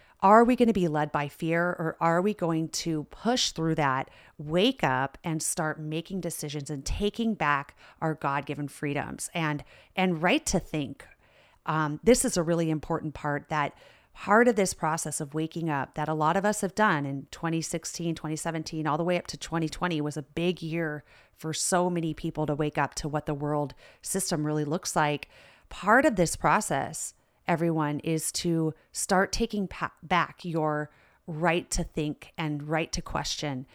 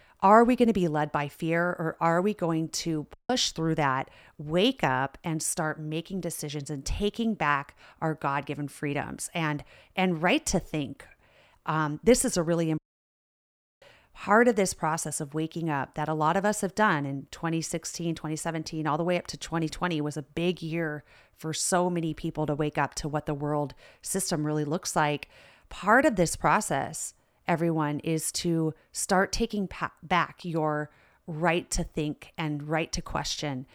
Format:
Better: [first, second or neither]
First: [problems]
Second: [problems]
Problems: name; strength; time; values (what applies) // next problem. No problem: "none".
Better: first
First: none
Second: audio cutting out; at 3 s and at 13 s for 1 s